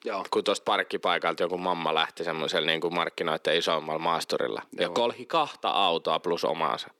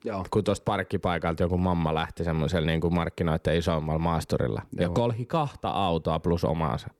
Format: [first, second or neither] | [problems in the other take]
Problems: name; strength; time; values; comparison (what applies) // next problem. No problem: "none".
second | thin; somewhat; fading below 300 Hz